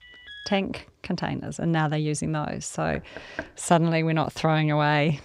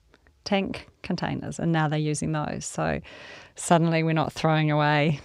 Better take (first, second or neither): second